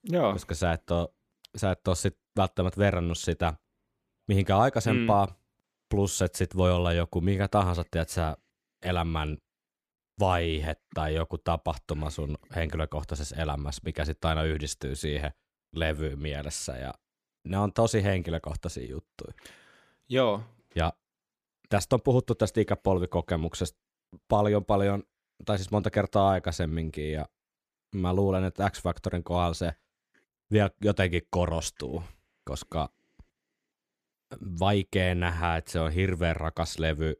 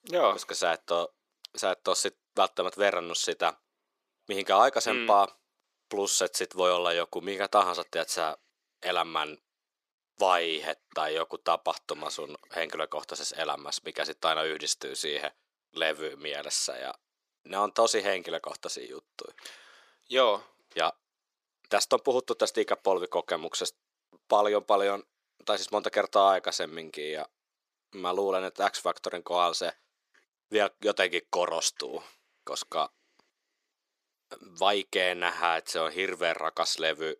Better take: first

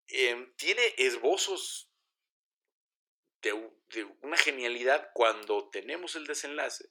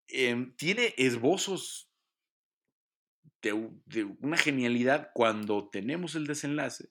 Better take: second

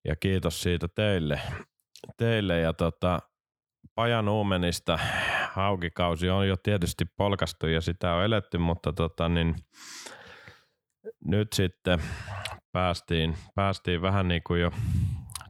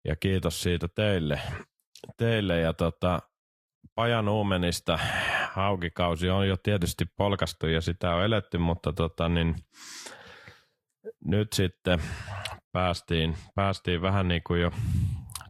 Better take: first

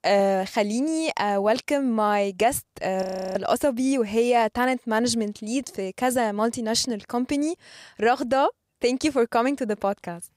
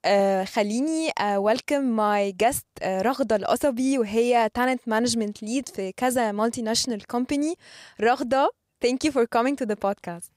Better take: second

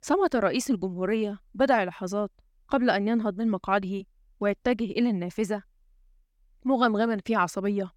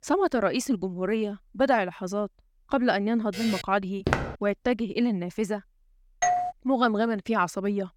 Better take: first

